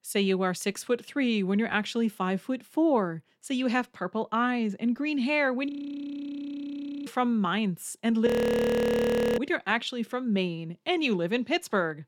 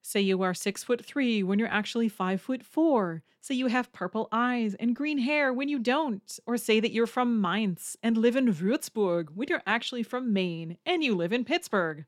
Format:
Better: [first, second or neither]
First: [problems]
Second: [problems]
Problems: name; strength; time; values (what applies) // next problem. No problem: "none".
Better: second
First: audio freezing; at 5.5 s for 1.5 s and at 8.5 s for 1 s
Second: none